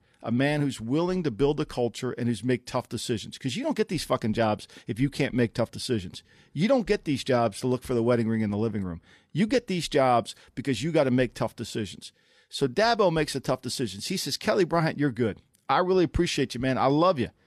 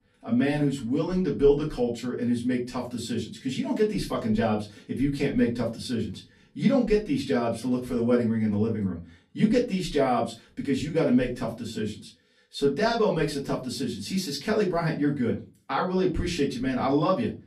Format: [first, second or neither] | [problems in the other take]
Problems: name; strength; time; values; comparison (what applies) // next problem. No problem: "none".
first | off-mic speech; far // room echo; very slight; dies away in 0.3 s